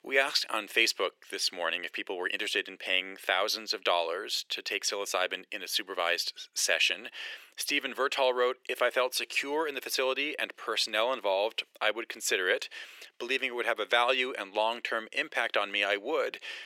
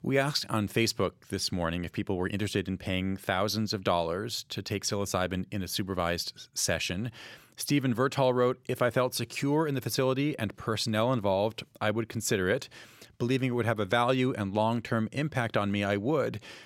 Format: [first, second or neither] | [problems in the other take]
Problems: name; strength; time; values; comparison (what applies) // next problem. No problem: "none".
second | thin; very; fading below 400 Hz